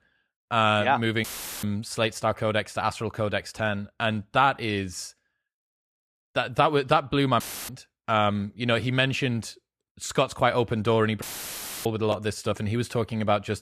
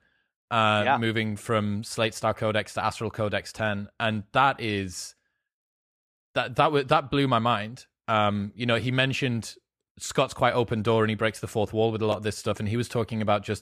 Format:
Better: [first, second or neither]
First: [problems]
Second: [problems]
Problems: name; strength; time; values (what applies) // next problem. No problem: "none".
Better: second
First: audio cutting out; filled with static; at 1 s, at 7.5 s and at 11 s for 0.5 s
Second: none